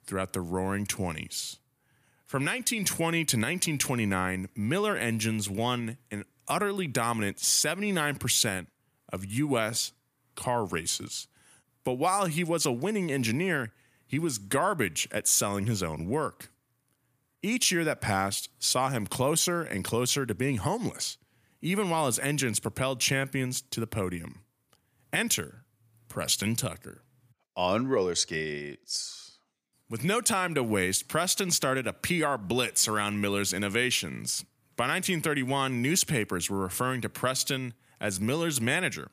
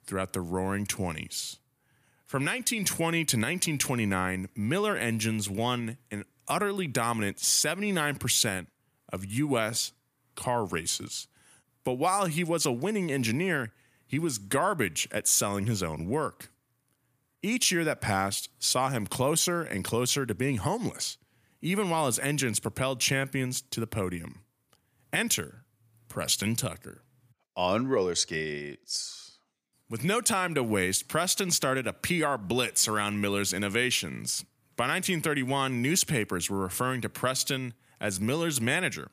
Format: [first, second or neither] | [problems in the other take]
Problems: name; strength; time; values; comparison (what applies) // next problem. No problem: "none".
neither | none